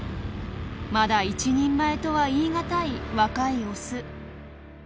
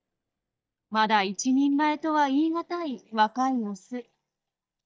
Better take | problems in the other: first | noise reduction (neural mask model DeepFilterNet 3)

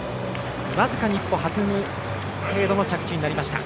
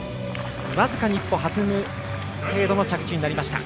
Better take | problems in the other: second | background sound (Wind); 9 dB below the speech

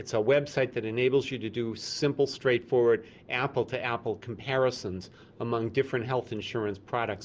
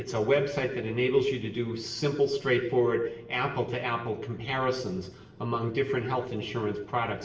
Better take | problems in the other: first | room echo; dies away in 0.8 s

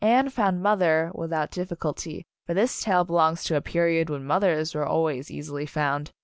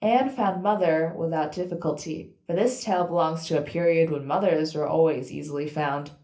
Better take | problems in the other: first | room echo; dies away in 0.3 s

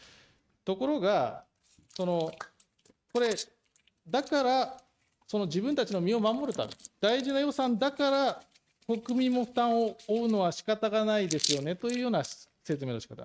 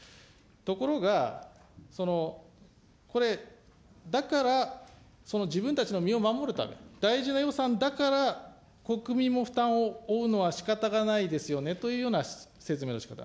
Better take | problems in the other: second | noise reduction (neural mask model RNNoise)

